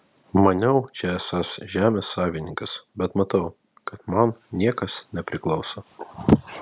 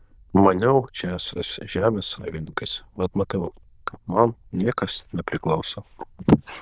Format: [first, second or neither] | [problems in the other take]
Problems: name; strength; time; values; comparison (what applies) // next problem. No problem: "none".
first | noise reduction (neural diffusion model UNIVERSE++)